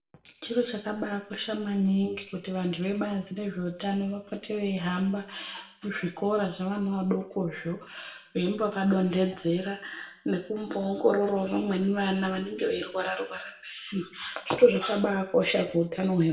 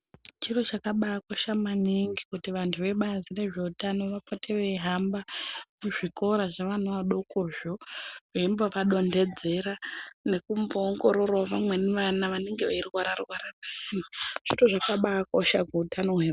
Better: second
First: room echo; dies away in 0.5 s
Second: none

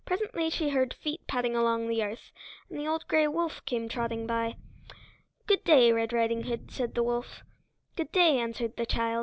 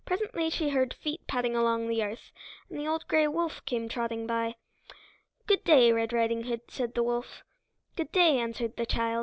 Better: second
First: background sound (Boom); 18 dB below the speech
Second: none

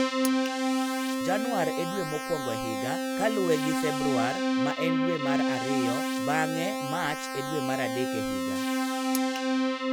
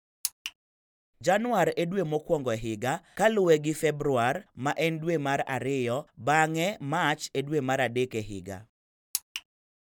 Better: second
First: background sound (Keyboard (musical)); 4 dB above the speech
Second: none

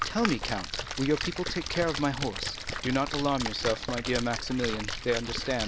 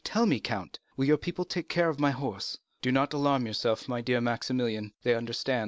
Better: second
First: background sound (Splash, splatter); 5 dB below the speech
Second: none

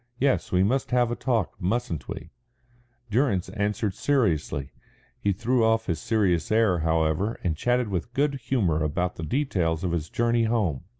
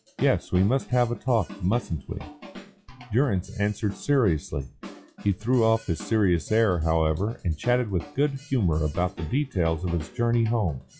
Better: first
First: none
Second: noise reduction (classical method log-MMSE)

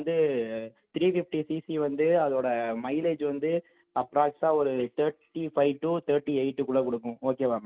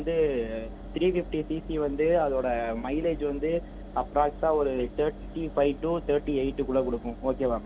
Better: first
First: none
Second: background sound (Engine); 12 dB below the speech

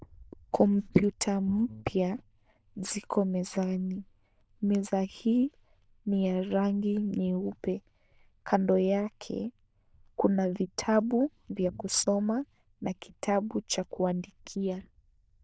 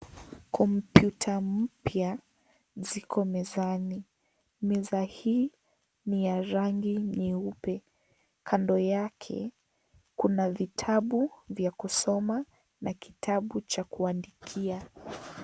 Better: second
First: noise reduction (neural diffusion model UNIVERSE++)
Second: none

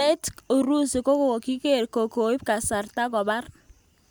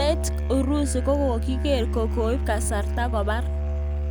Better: first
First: none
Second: background sound (Musical instrument); 1 dB above the speech

